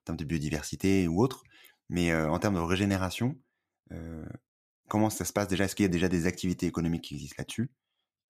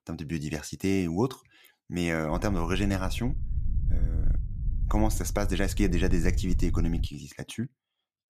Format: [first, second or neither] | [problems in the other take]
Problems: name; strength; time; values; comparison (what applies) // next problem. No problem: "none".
first | low rumble; noticeable; from 2.5 to 7 s; 15 dB below the speech